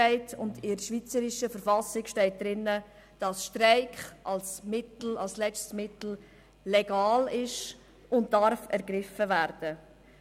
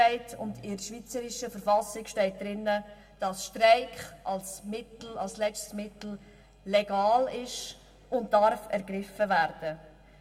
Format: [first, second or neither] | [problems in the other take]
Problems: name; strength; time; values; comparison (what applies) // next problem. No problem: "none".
first | room echo; dies away in 0.9 s